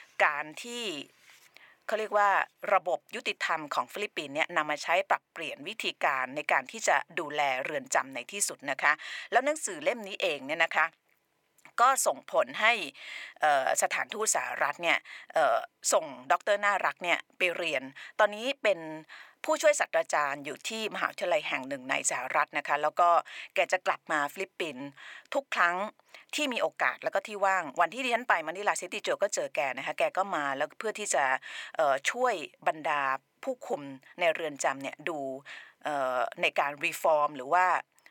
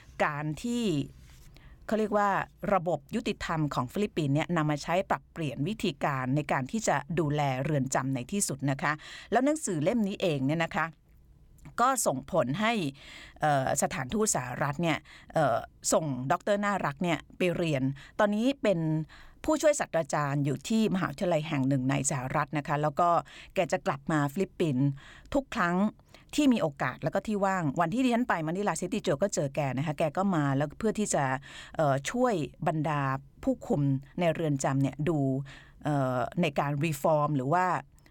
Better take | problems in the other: second | thin; very; fading below 650 Hz

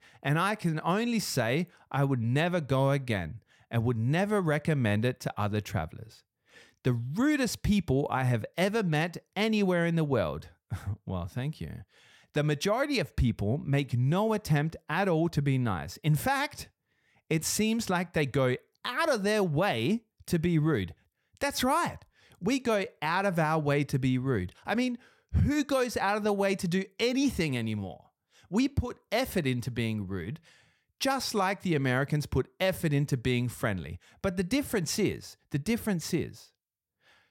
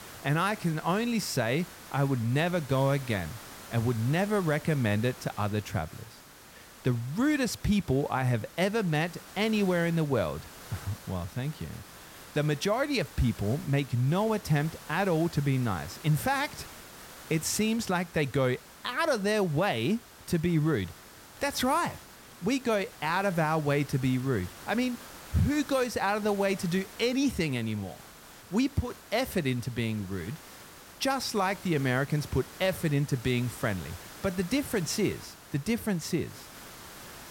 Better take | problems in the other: first | hiss; noticeable; throughout; 15 dB below the speech

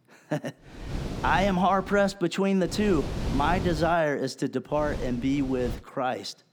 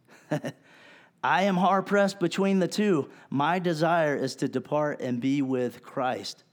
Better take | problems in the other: second | wind noise on the microphone; occasional gusts; from 0.5 to 2 s, from 2.5 to 4 s and from 5 to 6 s; 15 dB below the speech

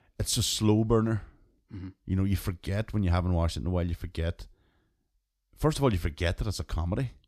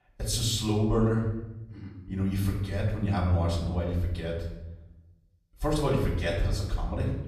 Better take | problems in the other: first | off-mic speech; far // room echo; noticeable; dies away in 0.8 s

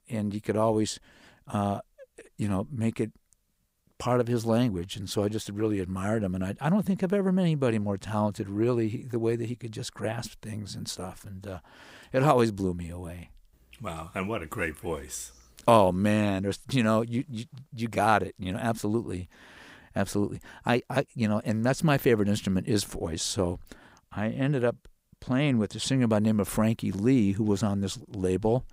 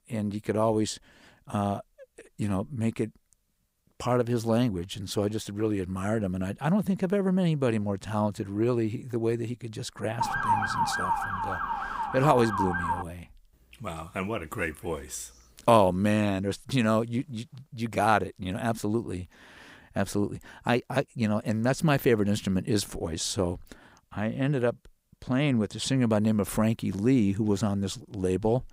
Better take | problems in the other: first | siren; loud; from 10 to 13 s; peak 2 dB above the speech

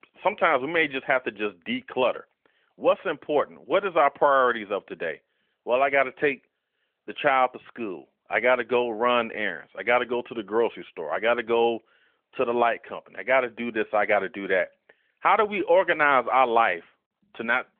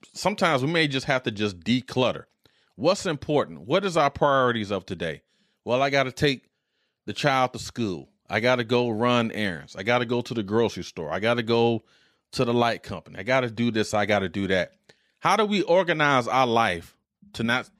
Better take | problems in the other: second | phone-call audio; nothing above 3.5 kHz

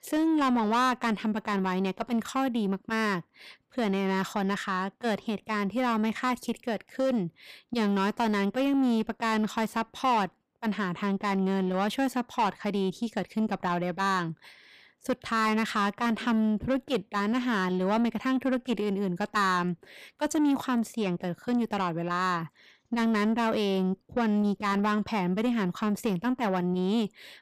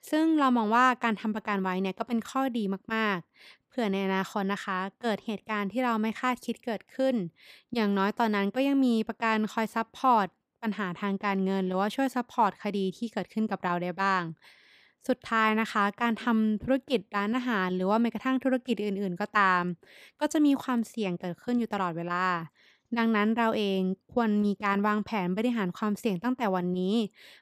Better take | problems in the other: second | distortion; slight; 10 dB below the speech

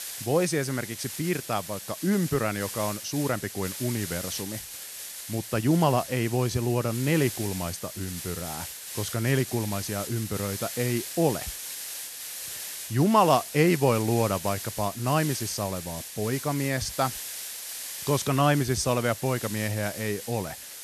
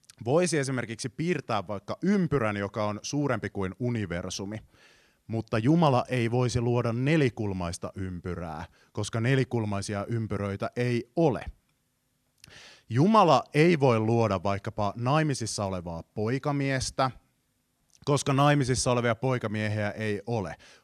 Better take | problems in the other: second | hiss; loud; throughout; 8 dB below the speech

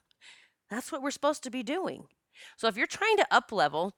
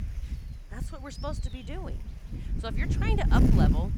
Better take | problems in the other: first | wind noise on the microphone; heavy; as loud as the speech

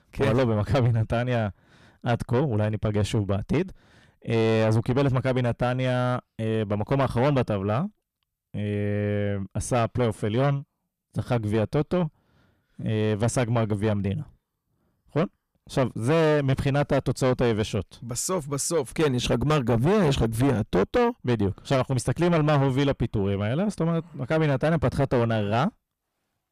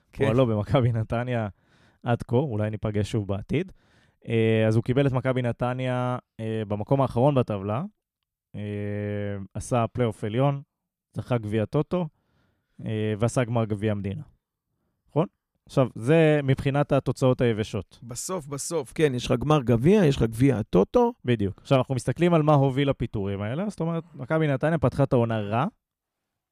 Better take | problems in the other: second | distortion; heavy; 6 dB below the speech

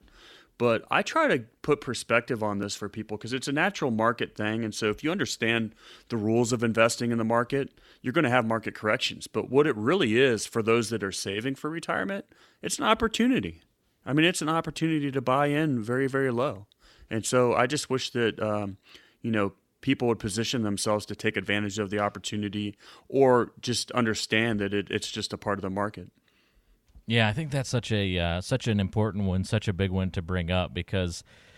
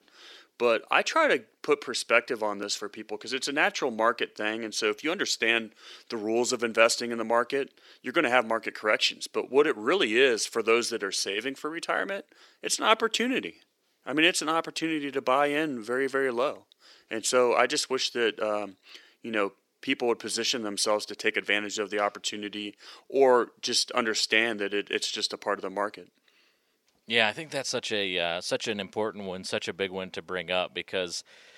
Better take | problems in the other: first | thin; somewhat; fading below 400 Hz

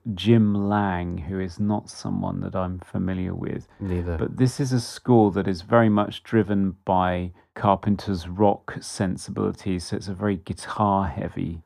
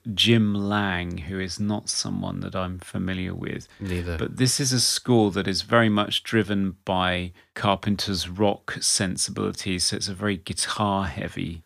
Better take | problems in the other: second | muffled; very; fading above 1.5 kHz

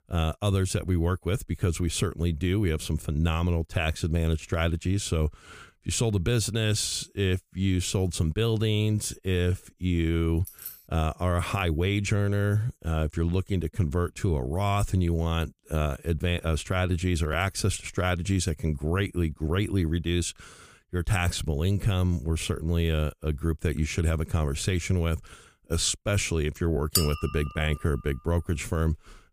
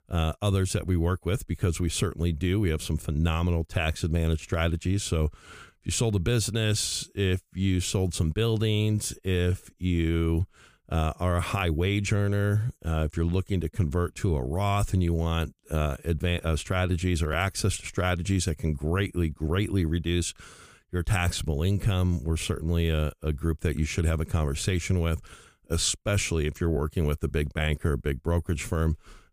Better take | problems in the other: second | jangling keys; faint; at 10 s; peak 10 dB below the speech // clattering dishes; loud; at 27 s; peak 1 dB above the speech

